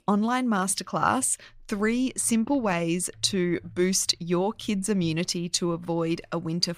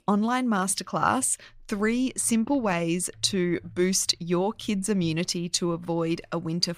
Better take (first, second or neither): neither